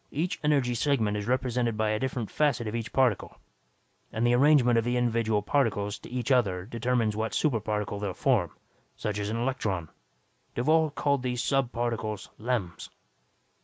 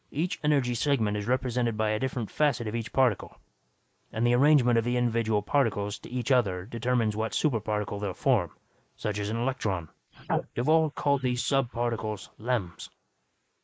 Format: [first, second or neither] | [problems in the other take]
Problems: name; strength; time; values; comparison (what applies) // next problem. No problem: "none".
first | noise reduction (neural mask model Resemble Enhance denoiser)